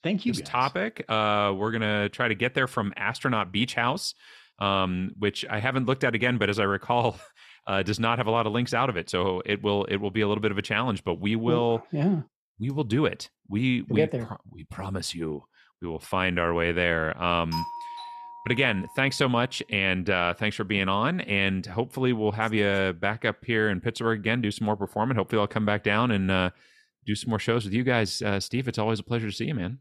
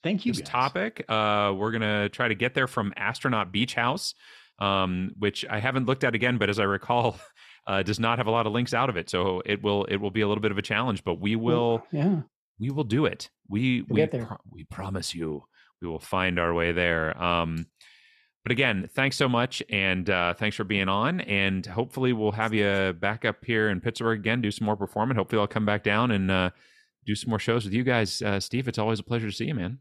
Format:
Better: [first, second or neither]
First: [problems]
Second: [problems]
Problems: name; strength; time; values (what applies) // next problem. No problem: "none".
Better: second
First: doorbell; noticeable; from 18 to 19 s; peak 7 dB below the speech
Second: none